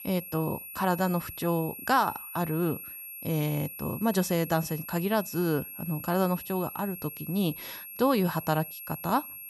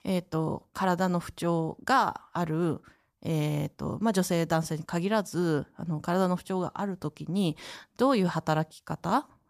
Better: second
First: high-pitched whine; loud; throughout; 11.5 kHz, 10 dB below the speech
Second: none

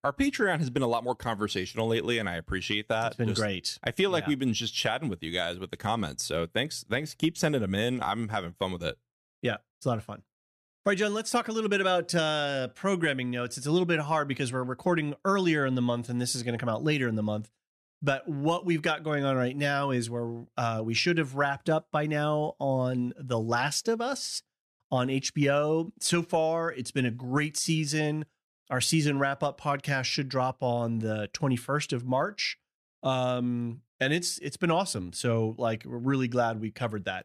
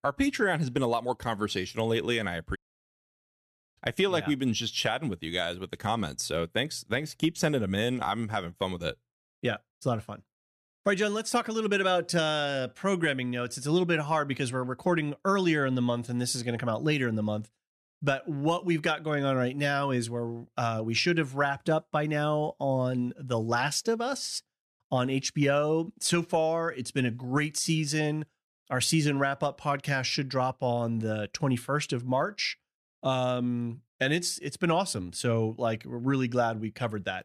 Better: first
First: none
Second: audio cutting out; at 2.5 s for 1 s

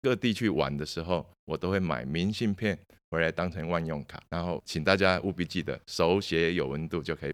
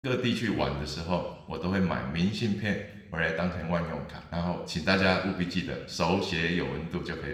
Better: first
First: none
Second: room echo; slight; dies away in 0.9 s

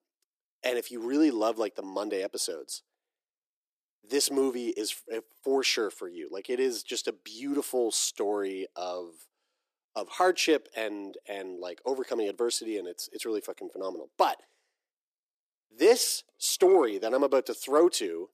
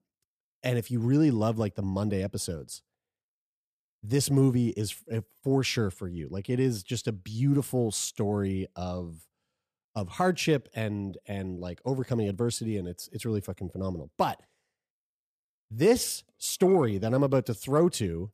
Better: second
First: thin; somewhat; fading below 300 Hz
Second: none

